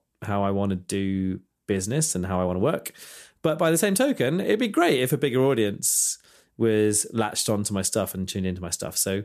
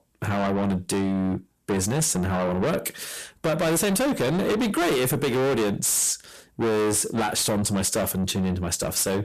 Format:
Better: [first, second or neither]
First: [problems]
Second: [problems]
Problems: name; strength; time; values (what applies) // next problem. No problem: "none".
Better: first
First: none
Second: distortion; heavy; 5 dB below the speech